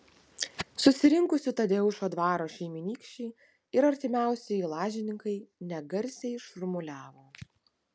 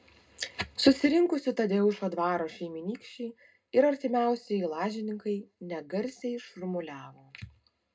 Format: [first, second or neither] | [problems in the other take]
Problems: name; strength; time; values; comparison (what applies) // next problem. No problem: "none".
first | room echo; dies away in 0.2 s